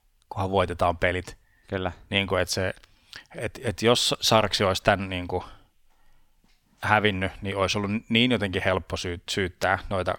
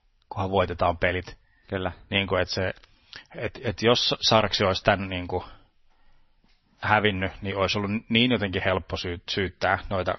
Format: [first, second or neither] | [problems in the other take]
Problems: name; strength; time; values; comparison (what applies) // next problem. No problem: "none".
first | garbled, watery; slightly; nothing above 6 kHz